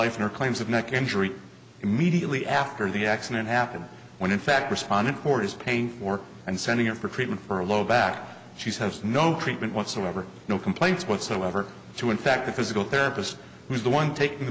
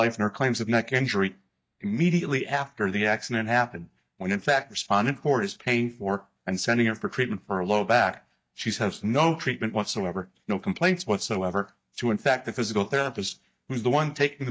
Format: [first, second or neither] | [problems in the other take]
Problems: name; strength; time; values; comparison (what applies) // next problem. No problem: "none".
first | noise reduction (neural mask model DeepFilterNet 3)